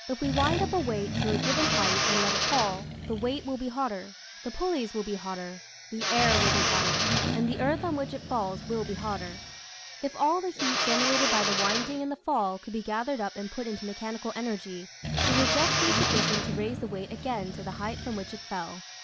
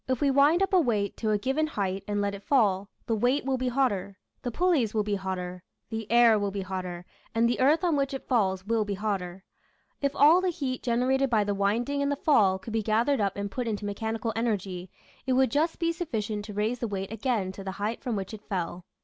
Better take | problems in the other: second | background sound (Drill + Accelerating, revving, vroom); 1 dB above the speech

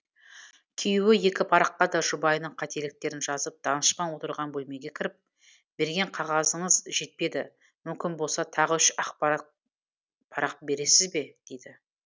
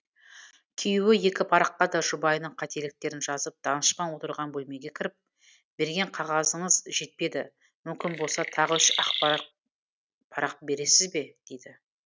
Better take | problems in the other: first | noise reduction (neural mask model RNNoise)

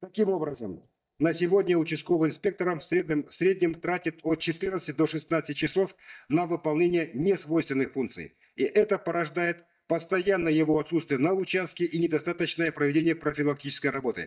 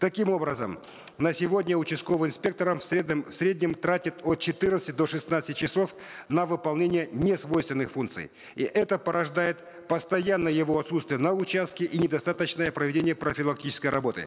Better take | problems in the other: second | noise reduction (neural mask model DeepFilterNet 3)

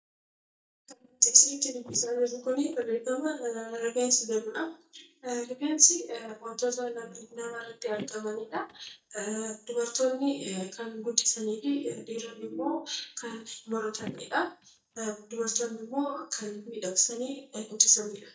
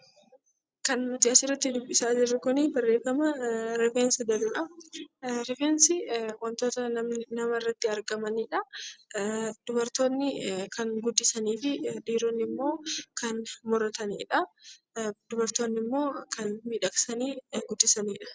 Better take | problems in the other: second | noise reduction (neural mask model DeepFilterNet 3)

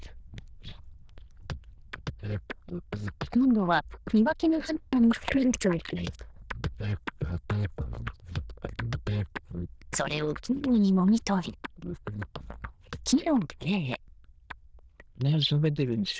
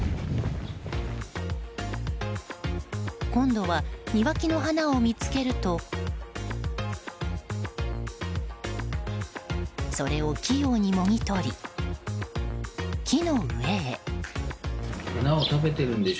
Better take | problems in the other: second | noise reduction (neural diffusion model UNIVERSE++)

